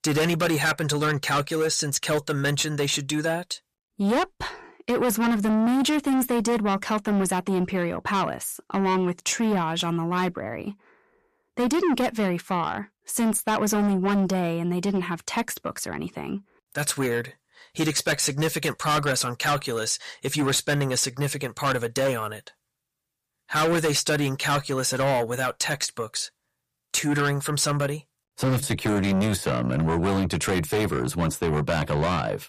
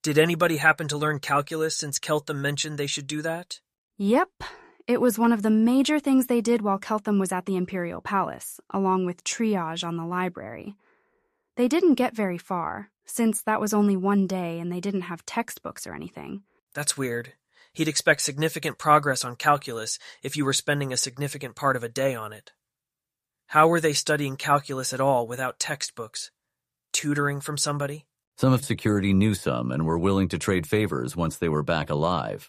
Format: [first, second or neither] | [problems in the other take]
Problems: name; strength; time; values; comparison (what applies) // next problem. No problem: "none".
second | distortion; heavy; 6 dB below the speech